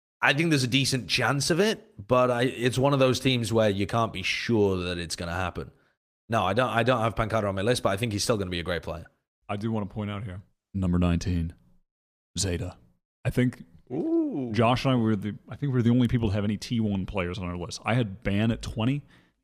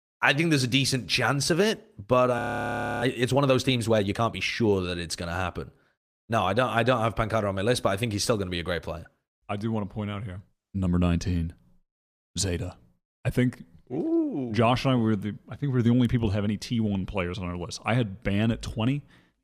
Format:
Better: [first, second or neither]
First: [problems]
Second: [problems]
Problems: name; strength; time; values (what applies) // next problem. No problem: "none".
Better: first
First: none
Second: audio freezing; at 2.5 s for 0.5 s